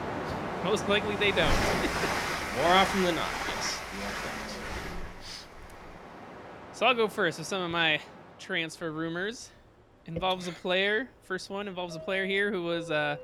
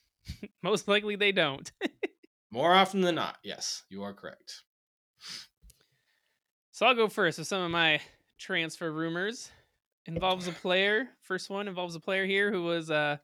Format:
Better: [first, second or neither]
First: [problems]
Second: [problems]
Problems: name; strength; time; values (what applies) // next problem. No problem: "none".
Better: second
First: train or aircraft noise; loud; throughout; 4 dB below the speech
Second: none